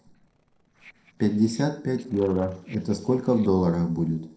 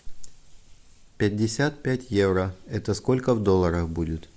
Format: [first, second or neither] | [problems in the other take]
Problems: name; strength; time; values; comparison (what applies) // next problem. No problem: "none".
second | noise reduction (neural separator model SepFormer DNS4)